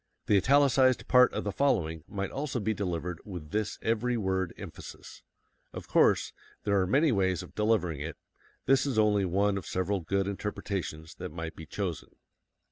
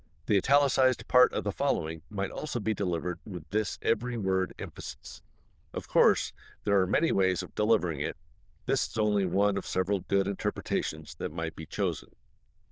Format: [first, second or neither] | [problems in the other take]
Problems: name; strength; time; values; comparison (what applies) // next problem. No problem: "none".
first | noise reduction (neural diffusion model UNIVERSE++)